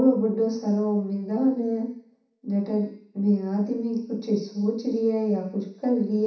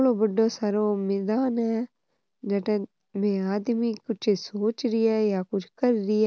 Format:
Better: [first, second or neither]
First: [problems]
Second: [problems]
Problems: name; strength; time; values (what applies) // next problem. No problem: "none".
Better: second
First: room echo; dies away in 0.7 s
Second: none